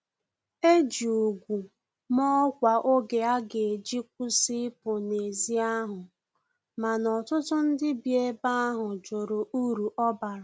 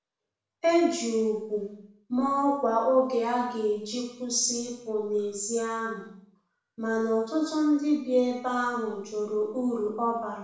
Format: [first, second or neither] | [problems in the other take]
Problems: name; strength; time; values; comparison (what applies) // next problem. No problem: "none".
first | room echo; dies away in 0.7 s